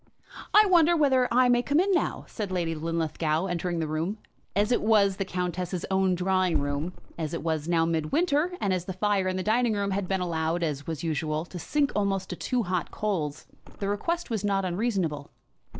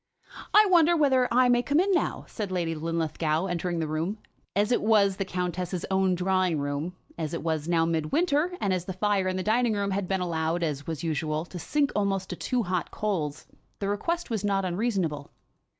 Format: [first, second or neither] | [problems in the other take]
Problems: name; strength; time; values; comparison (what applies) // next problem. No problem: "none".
second | background sound (Thump, thud); 13 dB below the speech